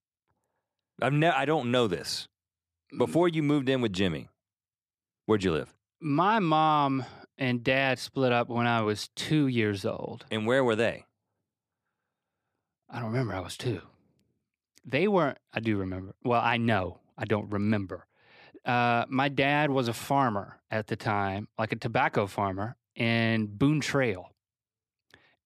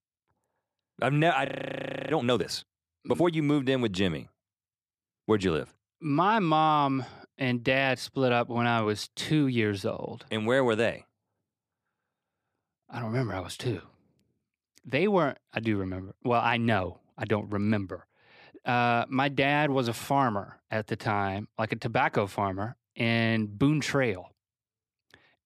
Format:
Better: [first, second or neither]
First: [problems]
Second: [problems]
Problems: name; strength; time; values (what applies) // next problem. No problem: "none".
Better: first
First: none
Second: audio freezing; at 1.5 s for 0.5 s